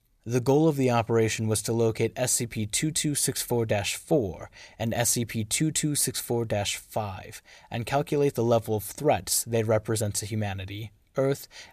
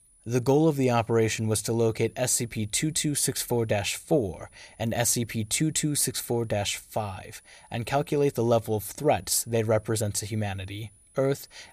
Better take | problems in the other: first | high-pitched whine; faint; throughout; 10 kHz, 30 dB below the speech

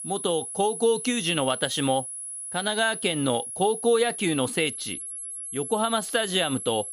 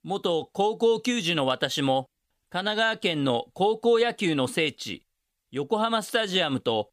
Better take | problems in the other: second | high-pitched whine; loud; throughout; 10.5 kHz, 7 dB below the speech

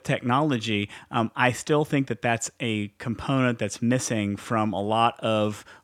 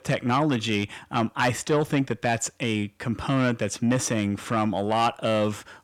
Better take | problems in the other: first | distortion; slight; 10 dB below the speech

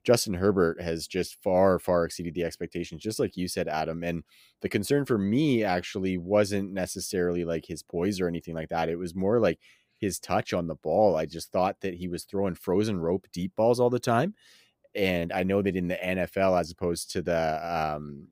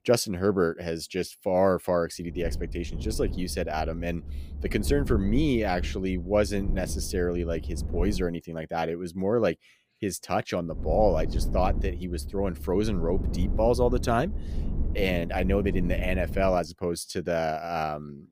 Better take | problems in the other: first | low rumble; noticeable; from 2.5 to 8 s and from 11 to 17 s; 15 dB below the speech

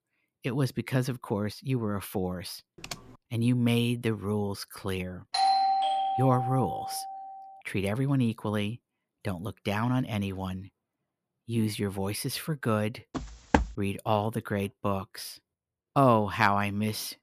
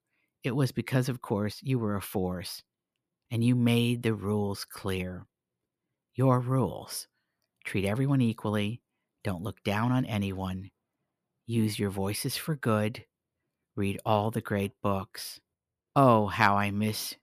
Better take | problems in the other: second | keyboard typing; faint; at 3 s; peak 10 dB below the speech // doorbell; loud; from 5.5 to 7 s; peak 6 dB above the speech // footsteps; loud; at 13 s; peak 2 dB above the speech

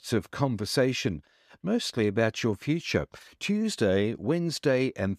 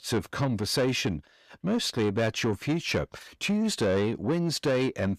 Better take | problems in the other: first | distortion; slight; 10 dB below the speech

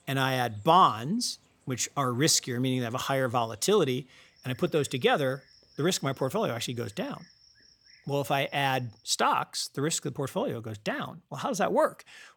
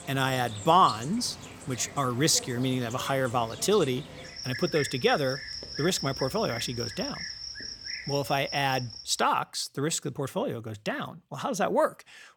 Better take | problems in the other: first | animal sounds; loud; until 9 s; 10 dB below the speech; faint in the first

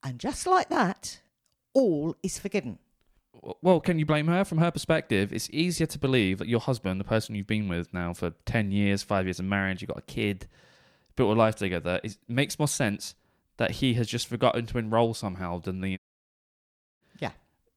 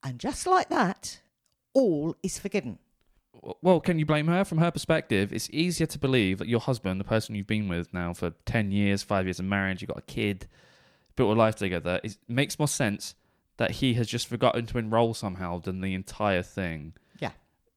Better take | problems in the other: second | audio cutting out; at 16 s for 1 s

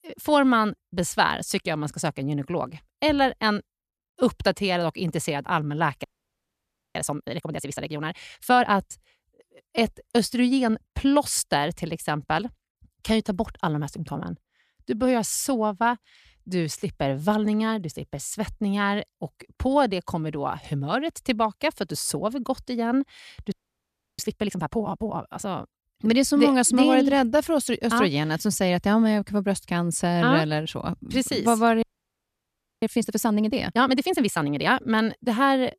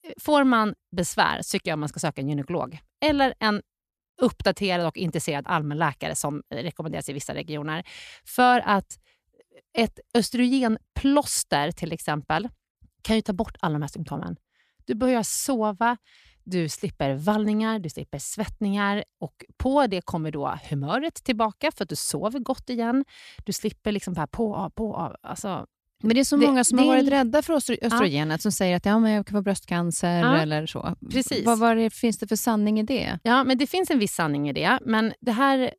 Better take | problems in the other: second | audio freezing; at 6 s for 1 s, at 24 s for 0.5 s and at 32 s for 1 s

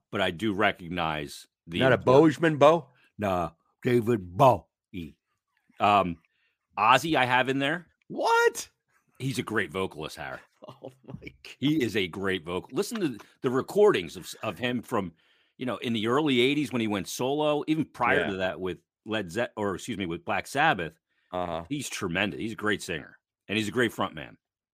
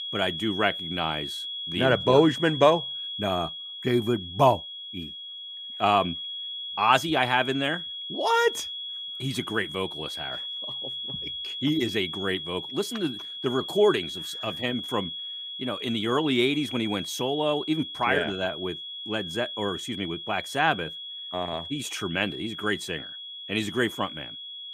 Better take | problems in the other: first | high-pitched whine; loud; throughout; 3.5 kHz, 7 dB below the speech

